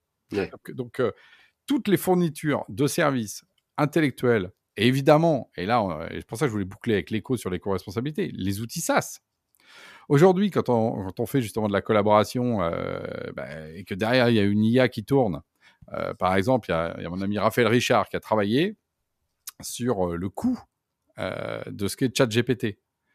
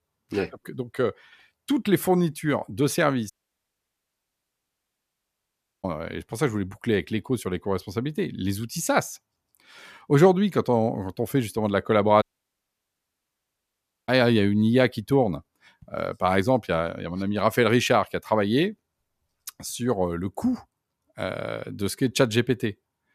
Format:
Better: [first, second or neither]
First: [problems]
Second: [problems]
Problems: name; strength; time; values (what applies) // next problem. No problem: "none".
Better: first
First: none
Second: audio cutting out; at 3.5 s for 2.5 s and at 12 s for 2 s